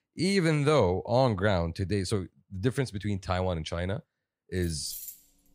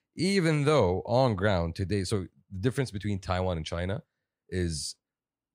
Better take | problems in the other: second | jangling keys; faint; at 4.5 s; peak 10 dB below the speech

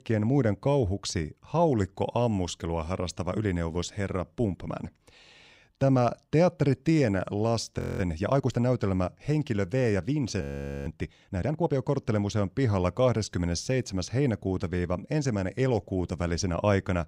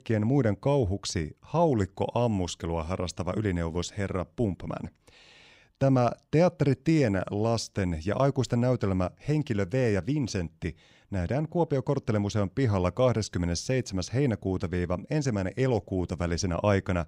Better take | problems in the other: second | audio freezing; at 8 s and at 10 s

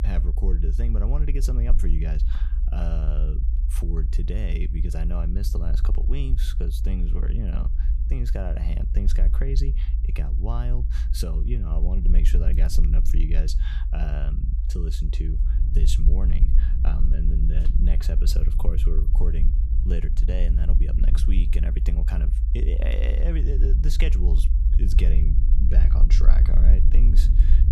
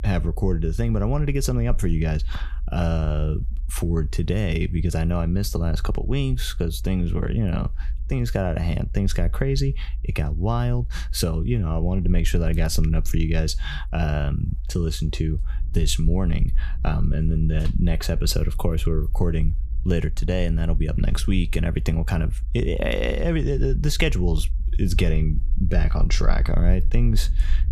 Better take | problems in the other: second | low rumble; loud; throughout; 6 dB below the speech; faint in the second

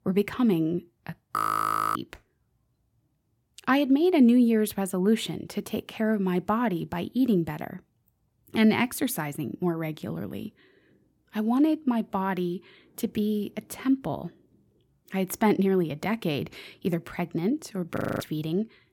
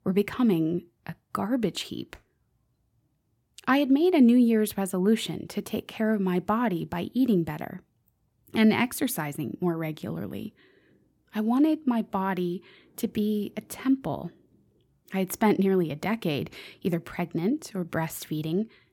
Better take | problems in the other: second | audio freezing; at 1.5 s for 0.5 s and at 18 s

